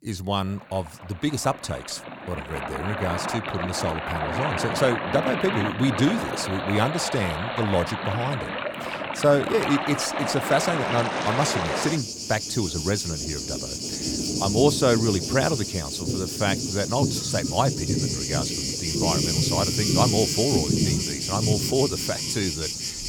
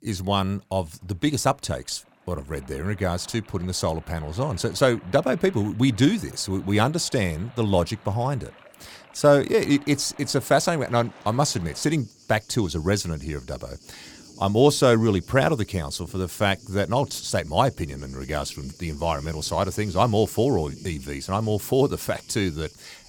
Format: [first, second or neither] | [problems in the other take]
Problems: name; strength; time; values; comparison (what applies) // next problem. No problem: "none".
second | rain or running water; loud; throughout; as loud as the speech; faint in the second